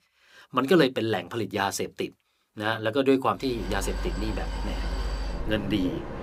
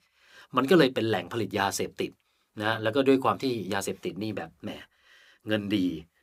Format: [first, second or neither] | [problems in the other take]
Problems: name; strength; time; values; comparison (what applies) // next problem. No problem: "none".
second | train or aircraft noise; loud; from 3.5 s on; 7 dB below the speech